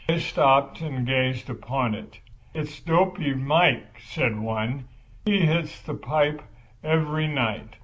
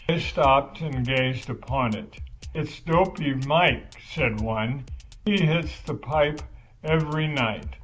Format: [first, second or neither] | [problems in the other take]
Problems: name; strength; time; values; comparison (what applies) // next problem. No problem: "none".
first | background sound (Drum kit); 15 dB below the speech